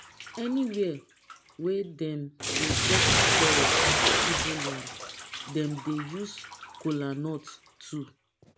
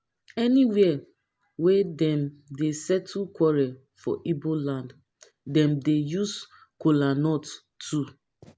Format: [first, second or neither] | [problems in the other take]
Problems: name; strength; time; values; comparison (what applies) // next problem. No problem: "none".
second | background sound (Bathtub (filling or washing)); 4 dB above the speech